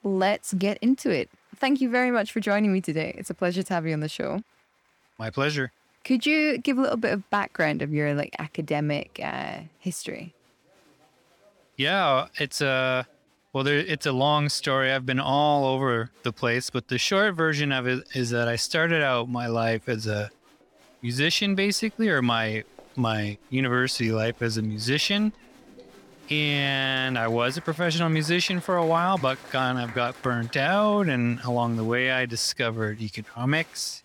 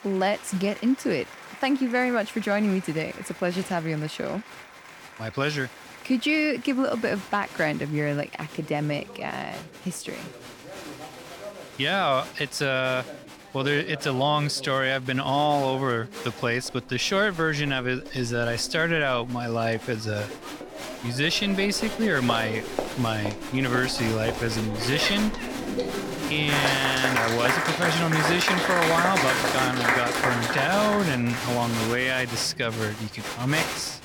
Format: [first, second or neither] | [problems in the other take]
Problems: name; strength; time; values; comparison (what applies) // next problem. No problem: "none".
first | crowd noise; loud; throughout; 3 dB below the speech; faint in the first